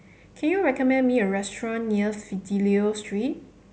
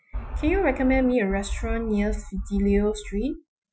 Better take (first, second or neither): first